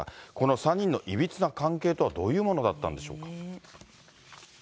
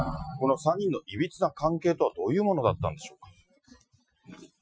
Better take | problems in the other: first | noise reduction (classical method Wiener filter)

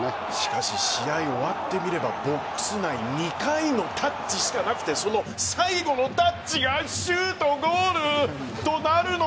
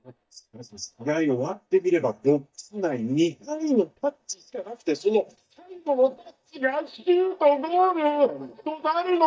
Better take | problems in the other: first | noise reduction (neural mask model DeepFilterNet 3)

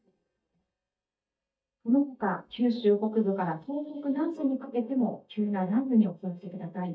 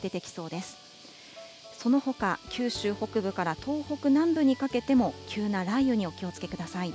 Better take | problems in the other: second | noise reduction (neural mask model DeepFilterNet 3)

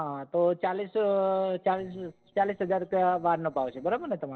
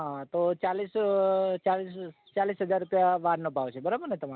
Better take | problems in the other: second | noise reduction (neural separator model SepFormer DNS4)

